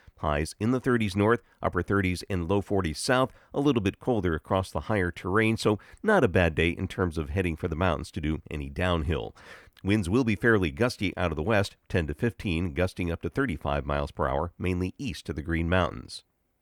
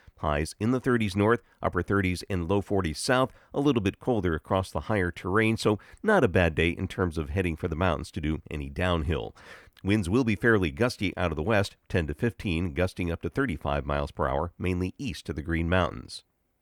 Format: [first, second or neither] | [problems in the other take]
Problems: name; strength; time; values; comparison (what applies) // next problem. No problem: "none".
neither | none